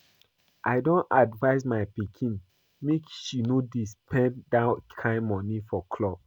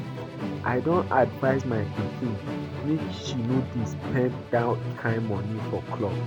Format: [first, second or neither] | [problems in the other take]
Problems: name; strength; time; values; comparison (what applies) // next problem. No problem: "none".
first | background sound (Musical instrument); 4 dB below the speech